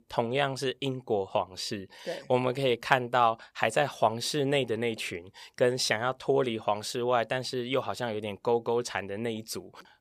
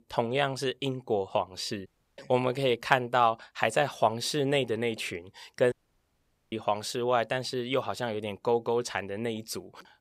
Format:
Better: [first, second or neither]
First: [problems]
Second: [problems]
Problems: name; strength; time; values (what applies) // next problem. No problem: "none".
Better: first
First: none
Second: audio cutting out; at 2 s and at 5.5 s for 1 s